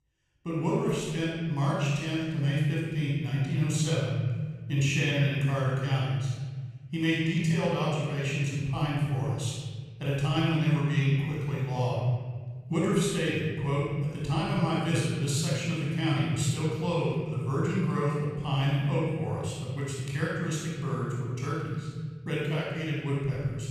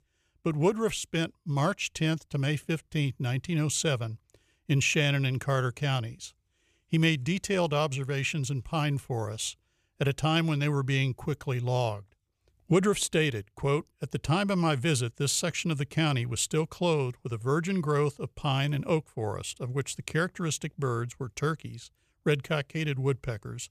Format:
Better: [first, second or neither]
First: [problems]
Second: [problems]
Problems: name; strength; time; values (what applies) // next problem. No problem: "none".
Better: second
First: off-mic speech; far // room echo; strong; dies away in 1.8 s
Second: none